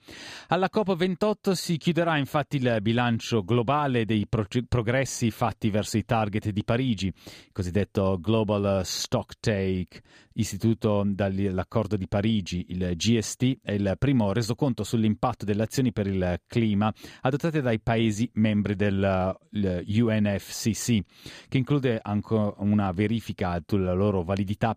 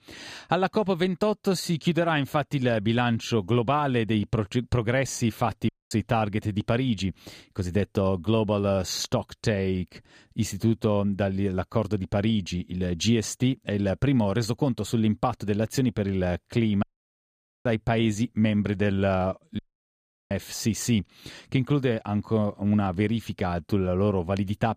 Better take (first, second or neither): first